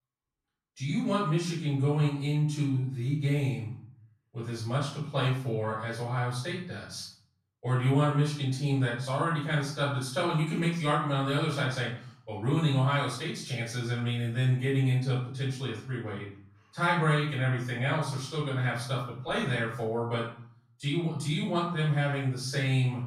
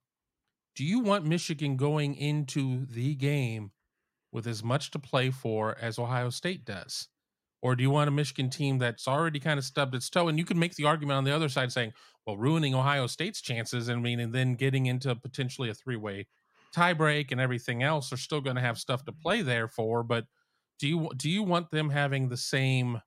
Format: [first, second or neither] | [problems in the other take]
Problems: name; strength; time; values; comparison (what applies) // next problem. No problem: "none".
second | off-mic speech; far // room echo; noticeable; dies away in 0.5 s